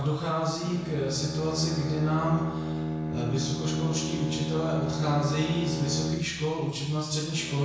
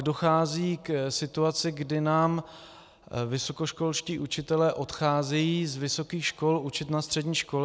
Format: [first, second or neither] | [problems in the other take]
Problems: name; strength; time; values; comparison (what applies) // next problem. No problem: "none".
second | background sound (Bowed string instrument); 3 dB below the speech // room echo; dies away in 1 s